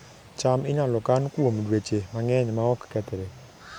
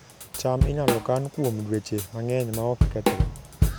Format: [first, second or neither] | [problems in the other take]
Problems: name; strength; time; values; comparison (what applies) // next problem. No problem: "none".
first | background sound (Drum / Drum kit); 1 dB above the speech